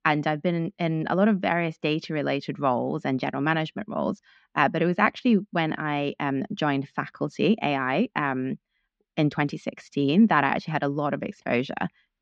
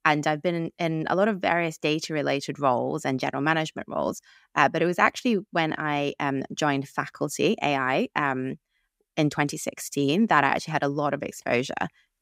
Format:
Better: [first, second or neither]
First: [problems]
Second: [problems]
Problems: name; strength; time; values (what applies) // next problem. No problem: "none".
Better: second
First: muffled; very slightly; fading above 4.5 kHz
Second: none